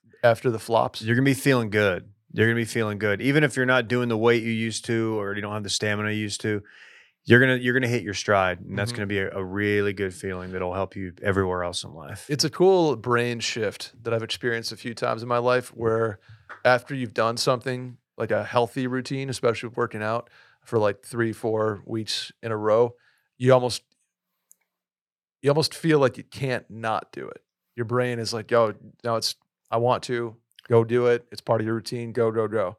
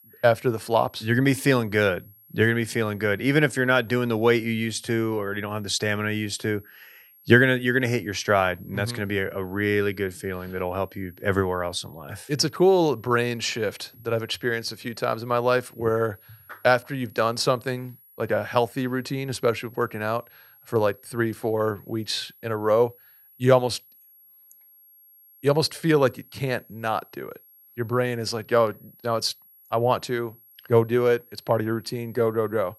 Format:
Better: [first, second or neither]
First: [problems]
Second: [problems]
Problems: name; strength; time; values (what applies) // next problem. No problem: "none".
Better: first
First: none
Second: high-pitched whine; faint; throughout; 11.5 kHz, 25 dB below the speech